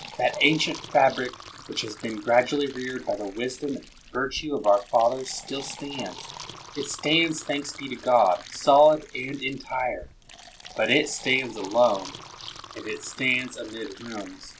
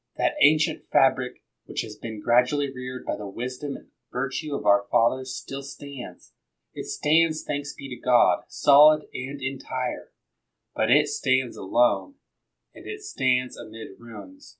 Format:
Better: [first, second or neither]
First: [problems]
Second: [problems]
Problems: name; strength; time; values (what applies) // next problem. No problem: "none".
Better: second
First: background sound (Fill (with liquid)); 17 dB below the speech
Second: none